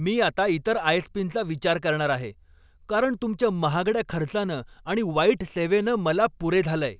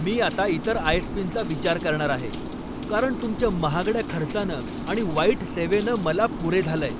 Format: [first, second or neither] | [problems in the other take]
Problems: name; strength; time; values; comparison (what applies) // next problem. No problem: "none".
first | background sound (Rain); 6 dB below the speech